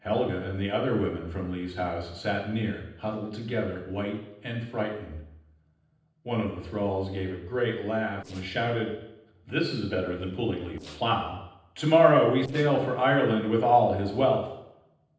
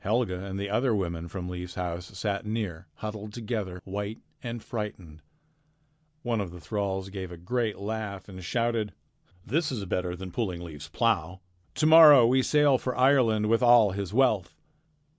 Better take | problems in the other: second | noise reduction (neural separator model SepFormer DNS4)

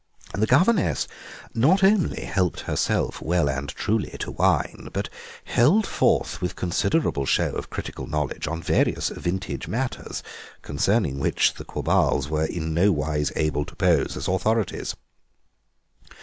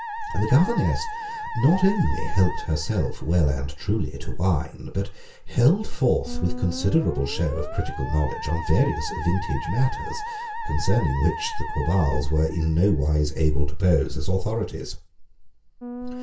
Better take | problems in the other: first | background sound (Musical instrument); 13 dB below the speech // room echo; dies away in 0.2 s

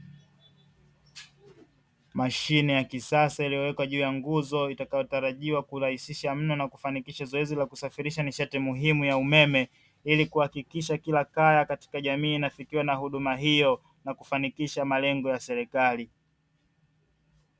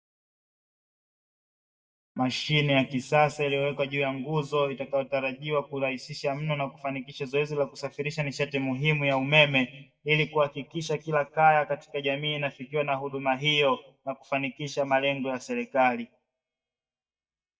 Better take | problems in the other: first | noise reduction (neural mask model DeepFilterNet 3)

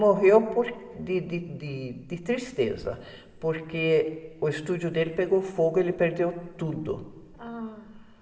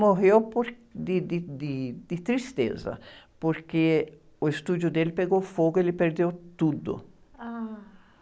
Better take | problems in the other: second | room echo; dies away in 2.7 s

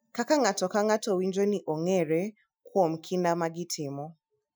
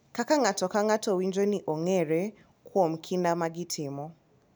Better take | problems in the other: second | noise reduction (classical method Wiener filter)

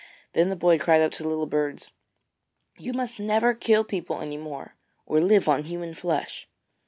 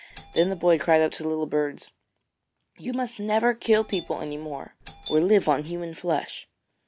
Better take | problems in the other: first | background sound (Doorbell); 17 dB below the speech

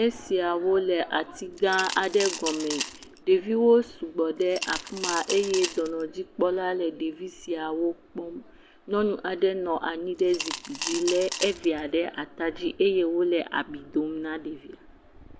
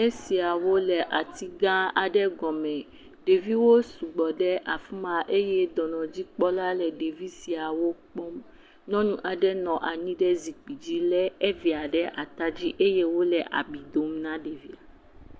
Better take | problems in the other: second | background sound (Coin (dropping) / Glass); 8 dB below the speech

